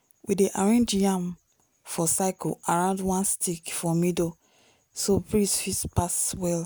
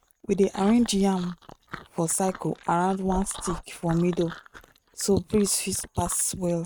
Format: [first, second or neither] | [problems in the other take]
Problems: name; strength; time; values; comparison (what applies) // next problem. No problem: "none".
first | noise reduction (neural mask model RNNoise)